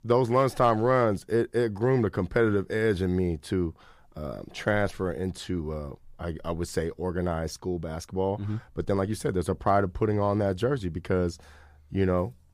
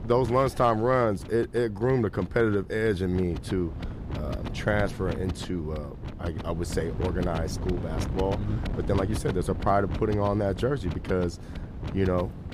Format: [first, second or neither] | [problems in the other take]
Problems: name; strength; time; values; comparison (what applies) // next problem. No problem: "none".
first | wind noise on the microphone; occasional gusts; 15 dB below the speech